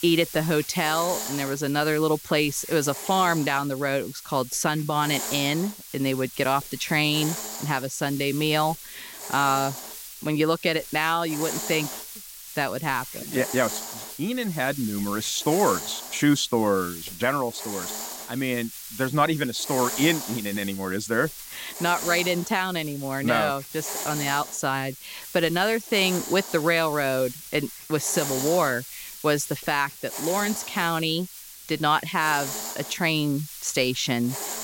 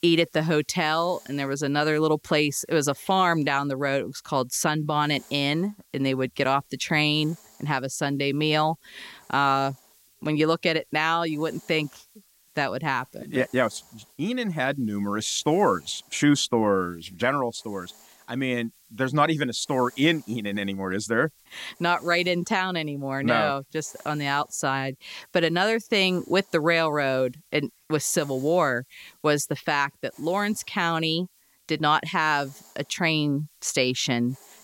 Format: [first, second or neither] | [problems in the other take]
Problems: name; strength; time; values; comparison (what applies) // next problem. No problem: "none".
second | hiss; loud; throughout; 9 dB below the speech; faint in the second